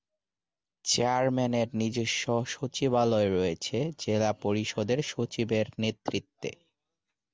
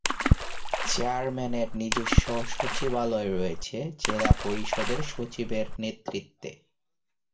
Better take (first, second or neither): first